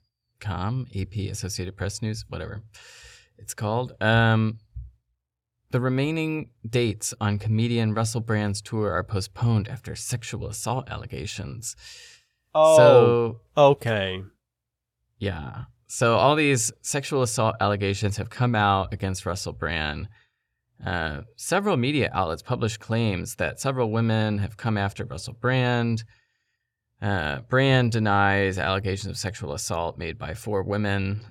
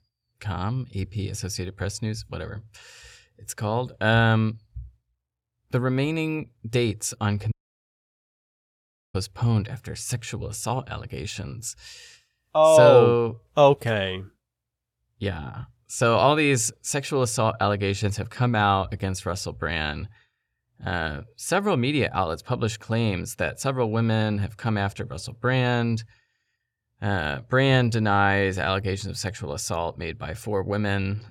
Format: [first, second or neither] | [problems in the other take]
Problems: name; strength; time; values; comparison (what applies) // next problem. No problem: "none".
first | audio cutting out; at 7.5 s for 1.5 s